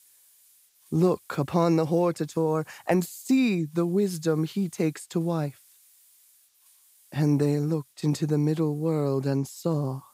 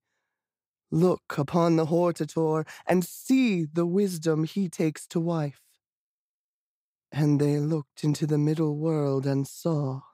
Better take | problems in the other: second | hiss; faint; throughout; 30 dB below the speech

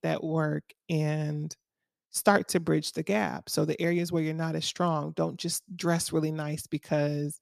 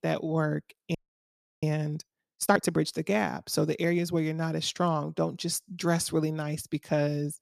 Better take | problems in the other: first | audio freezing; at 1 s for 0.5 s

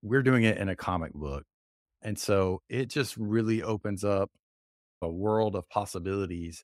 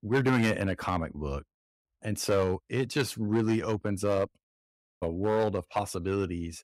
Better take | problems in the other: first | distortion; slight; 4% of the sound clipped

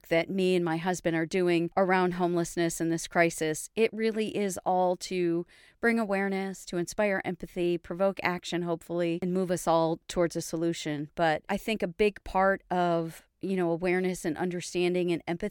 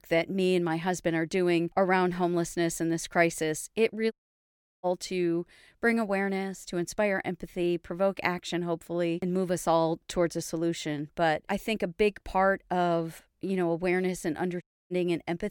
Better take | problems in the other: first | audio cutting out; at 4 s for 0.5 s and at 15 s

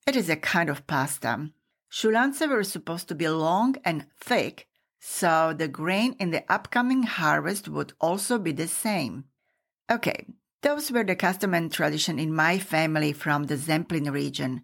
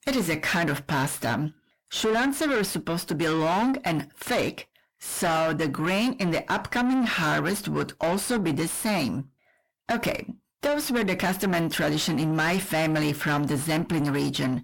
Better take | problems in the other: first | distortion; heavy; 6 dB below the speech

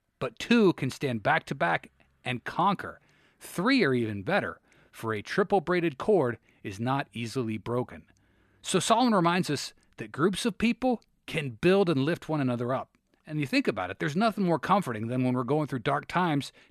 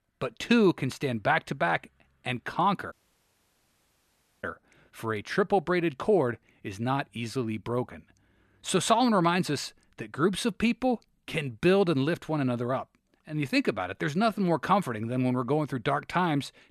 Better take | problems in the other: first | audio cutting out; at 3 s for 1.5 s

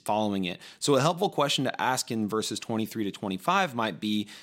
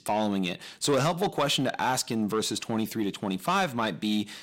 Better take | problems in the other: first | distortion; slight; 10 dB below the speech

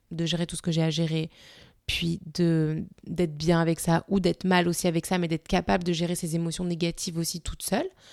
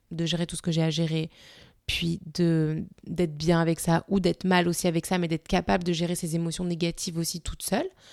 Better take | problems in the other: neither | none

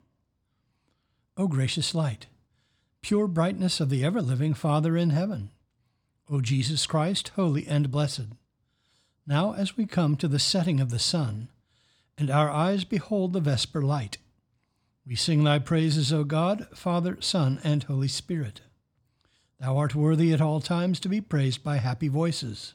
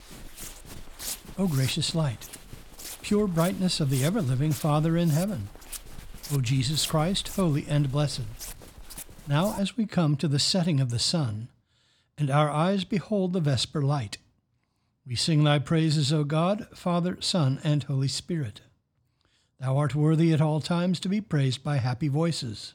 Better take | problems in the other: first | footsteps; noticeable; until 9.5 s; peak 8 dB below the speech

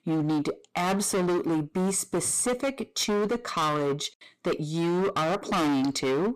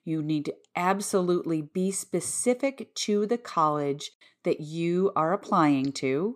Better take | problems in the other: second | distortion; heavy; 27% of the sound clipped

